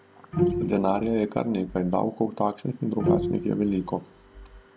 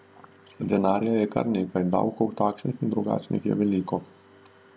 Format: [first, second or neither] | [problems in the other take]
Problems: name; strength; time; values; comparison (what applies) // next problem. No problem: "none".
second | background sound (Bowed string instrument); 3 dB below the speech